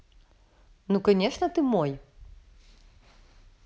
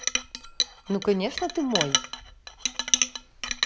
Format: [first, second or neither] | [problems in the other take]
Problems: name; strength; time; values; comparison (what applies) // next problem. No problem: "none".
first | background sound (Chink, clink); 1 dB above the speech